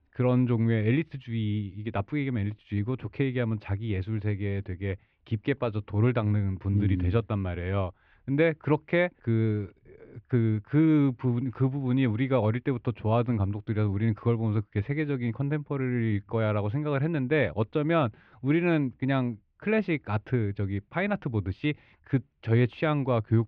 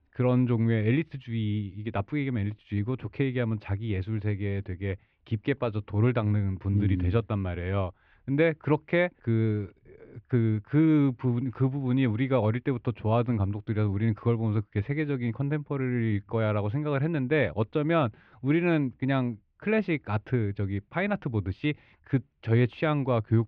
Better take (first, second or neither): neither